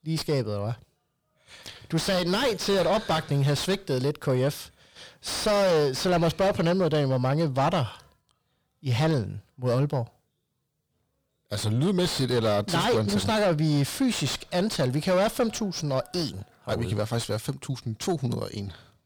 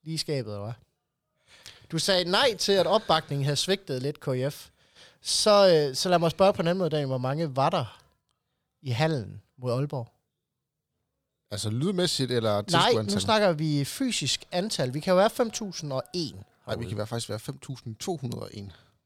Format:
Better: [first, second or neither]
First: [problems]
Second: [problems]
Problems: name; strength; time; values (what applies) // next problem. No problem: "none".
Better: second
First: distortion; heavy; 5 dB below the speech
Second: none